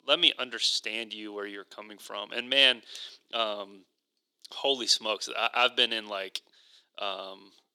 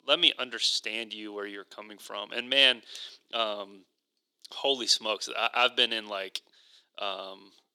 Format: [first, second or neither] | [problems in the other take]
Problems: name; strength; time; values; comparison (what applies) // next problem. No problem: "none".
neither | thin; very; fading below 300 Hz; the same in both